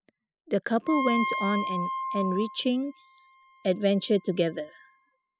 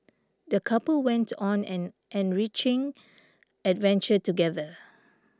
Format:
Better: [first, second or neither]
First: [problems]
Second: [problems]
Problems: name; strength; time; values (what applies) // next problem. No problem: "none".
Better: second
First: noise reduction (classical method spectral subtraction)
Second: none